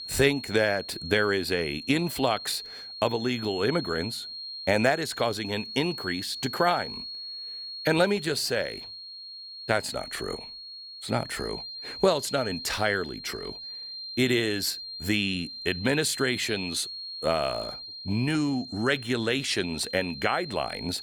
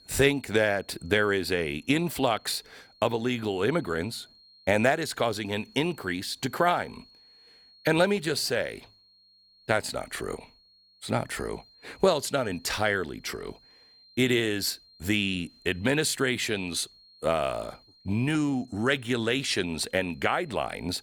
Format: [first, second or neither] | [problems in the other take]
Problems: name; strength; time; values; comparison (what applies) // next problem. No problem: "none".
second | high-pitched whine; loud; throughout; 4.5 kHz, 9 dB below the speech; faint in the second